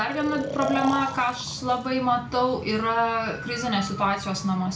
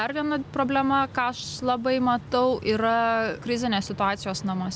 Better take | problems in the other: second | background sound (Breathing); 10 dB below the speech // room echo; dies away in 0.4 s

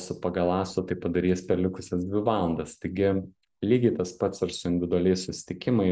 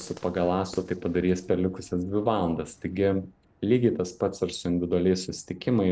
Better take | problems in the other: first | noise reduction (neural separator model SepFormer DNS4)

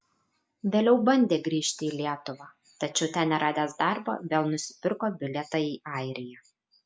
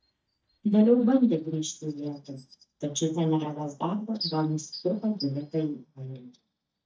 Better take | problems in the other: first | noise reduction (neural mask model DeepFilterNet 3)

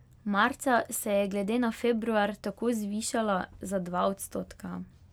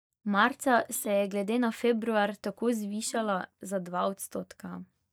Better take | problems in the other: first | noise reduction (neural mask model DeepFilterNet 3)

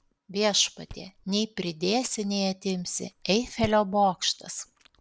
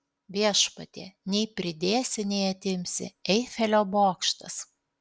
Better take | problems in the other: second | background sound (Chewing, mastication); 19 dB below the speech

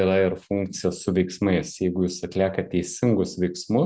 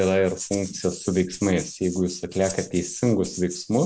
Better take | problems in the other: first | background sound (Rattle (instrument)); 15 dB below the speech

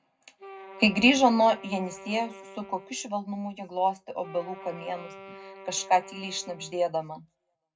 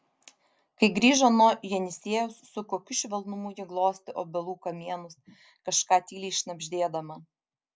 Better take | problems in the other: second | background sound (Wind instrument, woodwind instrument); 18 dB below the speech // room echo; dies away in 0.3 s

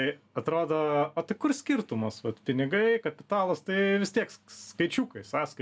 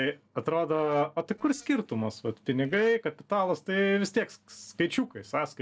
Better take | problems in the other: first | noise reduction (neural separator model SepFormer DNS4)

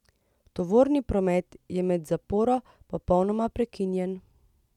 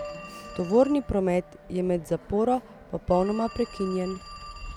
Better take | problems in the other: first | background sound (Telephone + Piano); 15 dB below the speech

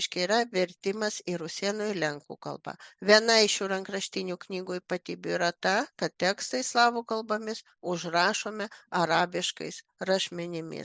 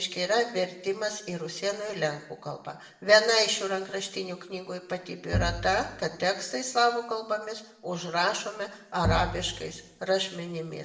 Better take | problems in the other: first | background sound (Bowed string instrument); 5 dB below the speech // room echo; dies away in 0.7 s

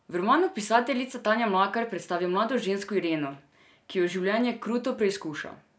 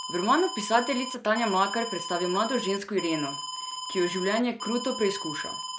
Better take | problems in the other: first | background sound (Alarm); 8 dB below the speech

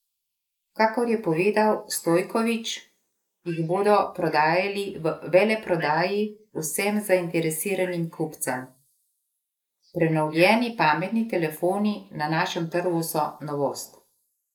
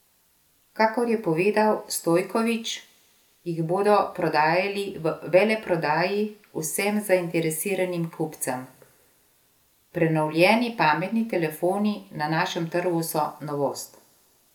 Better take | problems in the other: second | noise reduction (neural mask model Resemble Enhance denoiser)

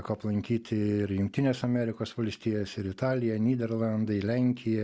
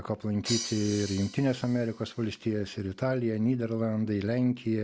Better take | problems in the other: first | background sound (Crash cymbal); 13 dB below the speech

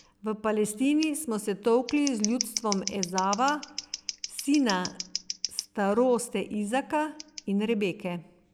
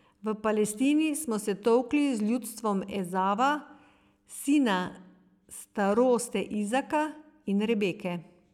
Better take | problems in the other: second | background sound (Scissors); 11 dB below the speech

